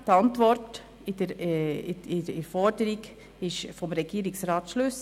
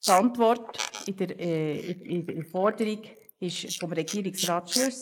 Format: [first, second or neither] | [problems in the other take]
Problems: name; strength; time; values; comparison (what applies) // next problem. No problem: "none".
first | noise reduction (neural mask model Resemble Enhance denoiser)